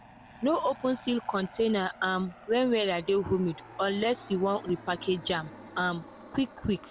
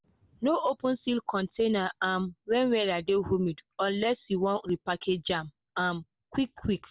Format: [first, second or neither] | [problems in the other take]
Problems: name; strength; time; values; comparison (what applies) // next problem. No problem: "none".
second | background sound (Aircraft); 19 dB below the speech